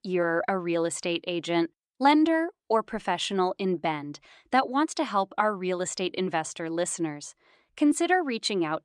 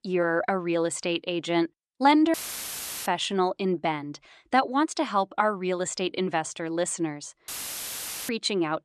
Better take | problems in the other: first | audio cutting out; filled with static; at 2.5 s for 0.5 s and at 7.5 s for 1 s

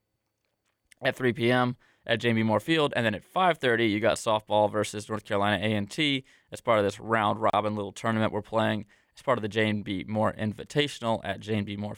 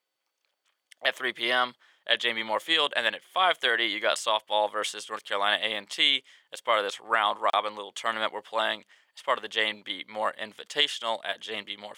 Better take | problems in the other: first | thin; very; fading below 600 Hz

